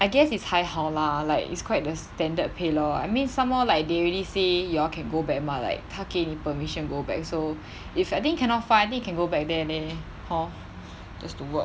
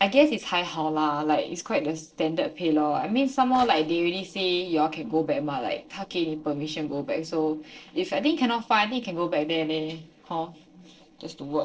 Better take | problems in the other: first | noise reduction (neural separator model SepFormer DNS4)

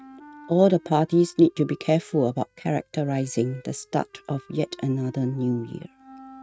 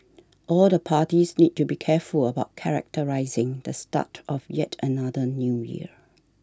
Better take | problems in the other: second | noise reduction (neural mask model RNNoise)

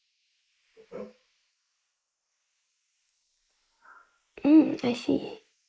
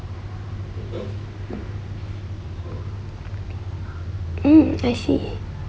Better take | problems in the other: second | noise reduction (neural mask model Resemble Enhance denoiser)

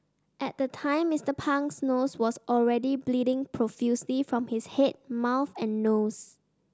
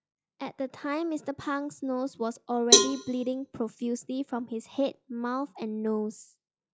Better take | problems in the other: first | noise reduction (classical method log-MMSE)

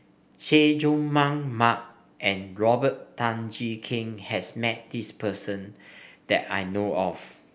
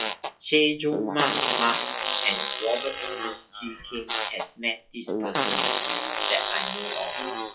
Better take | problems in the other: first | noise reduction (classical method WPE with log-MMSE)

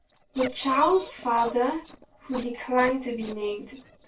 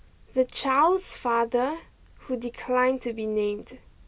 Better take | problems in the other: second | noise reduction (neural separator model SepFormer DNS4)

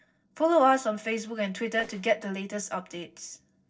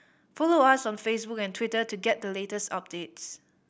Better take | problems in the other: second | noise reduction (neural separator model SepFormer DNS4)

